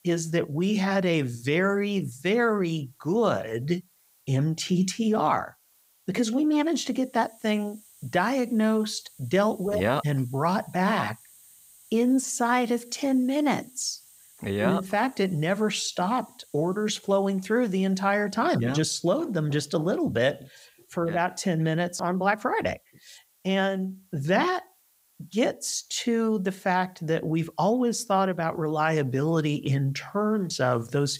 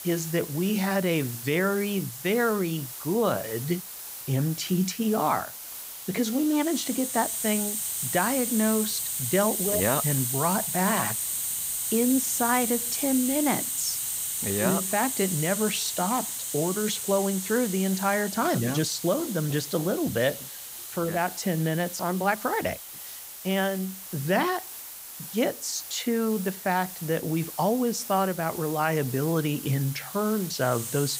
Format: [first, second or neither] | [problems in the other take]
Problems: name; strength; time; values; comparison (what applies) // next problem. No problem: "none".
first | hiss; loud; throughout; 4 dB below the speech; faint in the first